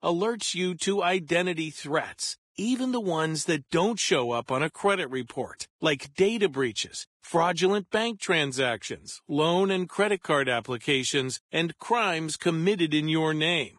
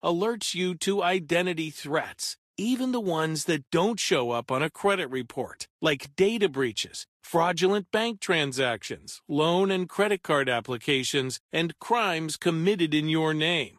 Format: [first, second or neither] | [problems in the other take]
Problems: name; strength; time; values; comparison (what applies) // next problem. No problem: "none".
second | garbled, watery; badly; nothing above 10 kHz; slightly in the second